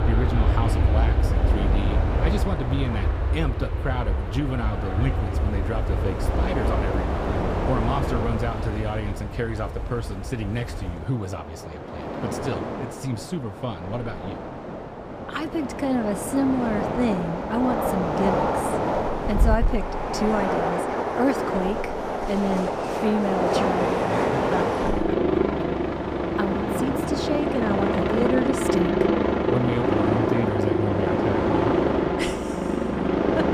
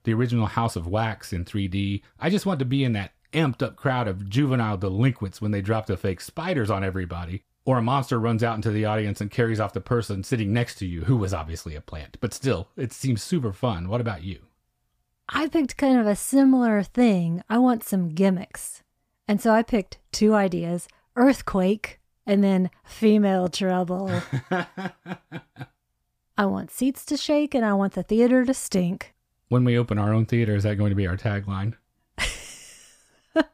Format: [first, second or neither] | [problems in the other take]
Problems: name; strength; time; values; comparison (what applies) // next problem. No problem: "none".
second | train or aircraft noise; very loud; throughout; 4 dB above the speech